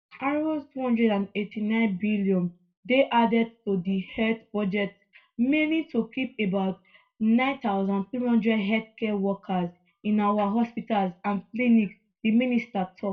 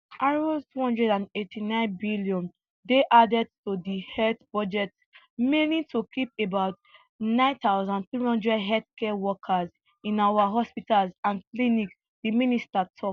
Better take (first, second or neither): second